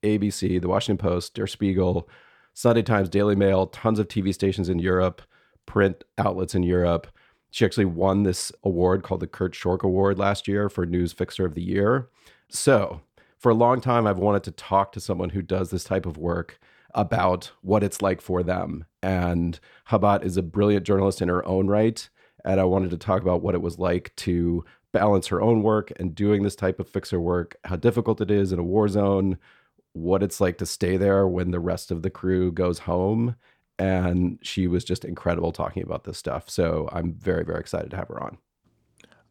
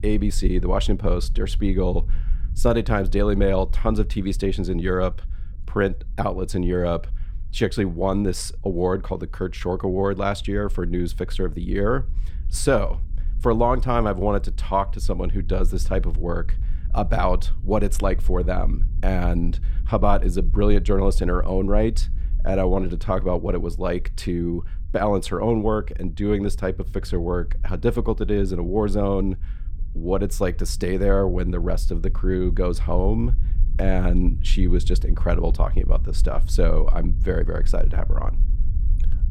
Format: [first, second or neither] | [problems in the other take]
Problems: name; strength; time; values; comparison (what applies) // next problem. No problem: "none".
first | low rumble; faint; throughout; 25 dB below the speech